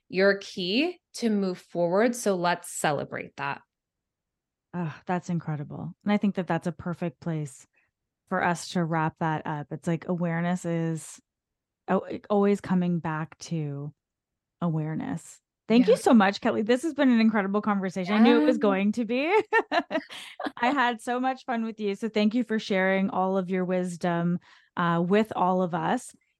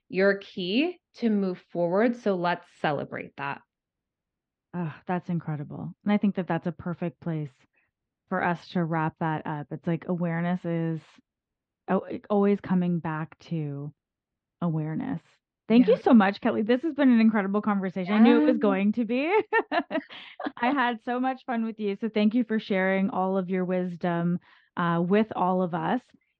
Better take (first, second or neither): first